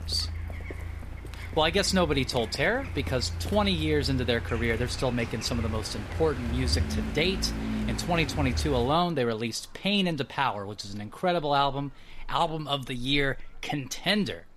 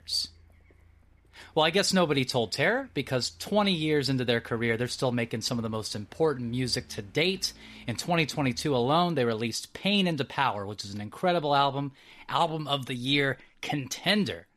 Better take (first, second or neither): second